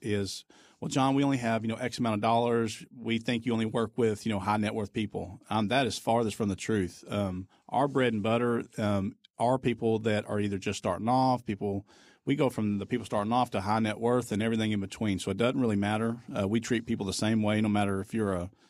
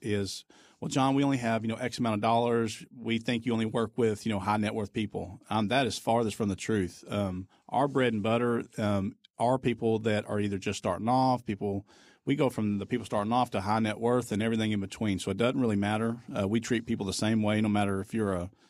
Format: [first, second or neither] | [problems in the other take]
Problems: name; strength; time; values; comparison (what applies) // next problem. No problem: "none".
neither | none